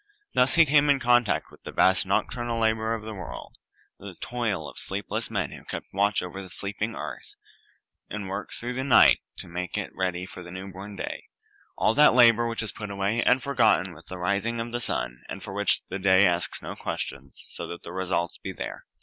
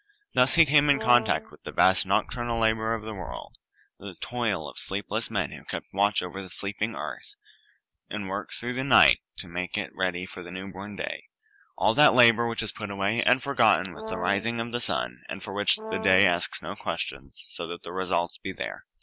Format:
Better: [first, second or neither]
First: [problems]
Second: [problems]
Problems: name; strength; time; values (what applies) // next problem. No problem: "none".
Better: first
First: none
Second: background sound (Brass instrument); 11 dB below the speech